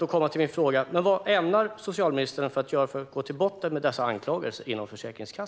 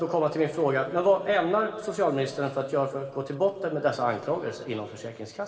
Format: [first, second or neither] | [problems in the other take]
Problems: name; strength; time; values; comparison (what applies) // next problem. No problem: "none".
first | room echo; dies away in 2 s